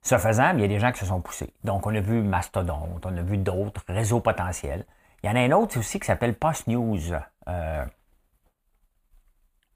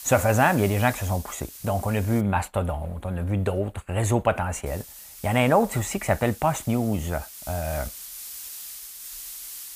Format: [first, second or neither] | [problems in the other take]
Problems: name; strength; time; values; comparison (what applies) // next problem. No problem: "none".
first | hiss; noticeable; until 2 s and from 4.5 s on; 15 dB below the speech